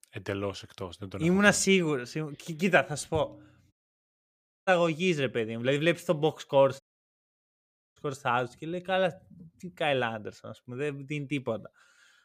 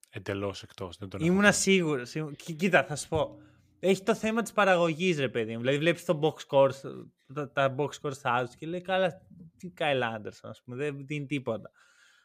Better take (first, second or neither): second